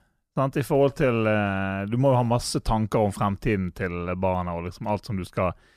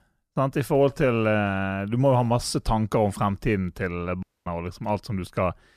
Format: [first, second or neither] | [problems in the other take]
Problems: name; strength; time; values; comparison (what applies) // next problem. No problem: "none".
first | audio cutting out; at 4 s